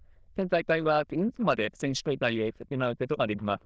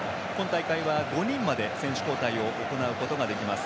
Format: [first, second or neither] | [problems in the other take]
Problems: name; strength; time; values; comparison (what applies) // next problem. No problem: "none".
second | noise reduction (neural diffusion model UNIVERSE++)